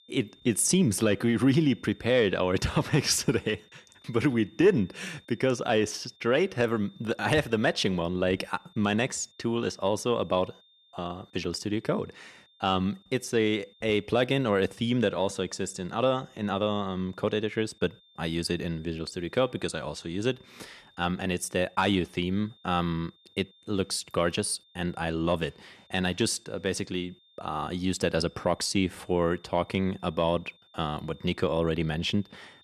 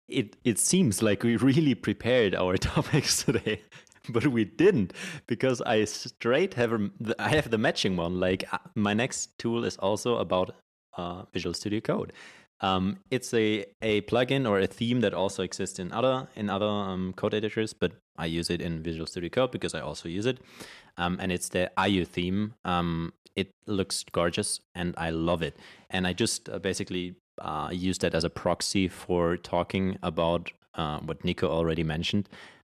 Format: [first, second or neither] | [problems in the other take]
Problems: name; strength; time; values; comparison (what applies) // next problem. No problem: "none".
second | high-pitched whine; faint; throughout; 3.5 kHz, 30 dB below the speech